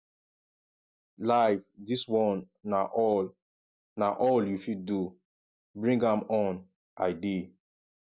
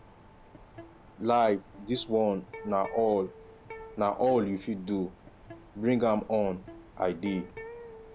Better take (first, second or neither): first